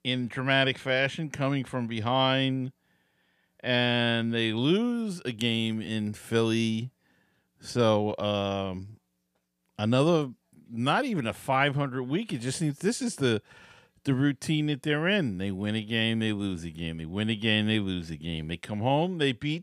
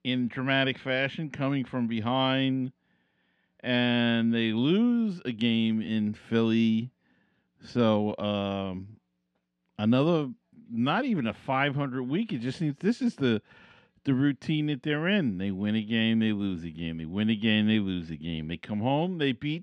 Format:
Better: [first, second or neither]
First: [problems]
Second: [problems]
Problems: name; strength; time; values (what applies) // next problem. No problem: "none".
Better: first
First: none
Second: muffled; very slightly; fading above 3 kHz